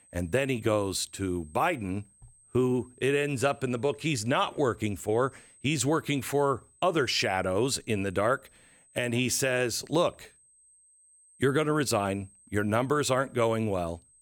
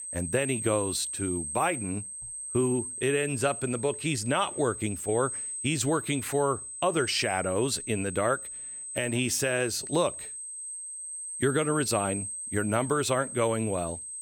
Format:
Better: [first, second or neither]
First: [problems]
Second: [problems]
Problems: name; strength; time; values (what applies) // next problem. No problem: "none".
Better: first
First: high-pitched whine; faint; throughout; 8.5 kHz, 30 dB below the speech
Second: high-pitched whine; loud; throughout; 8.5 kHz, 6 dB below the speech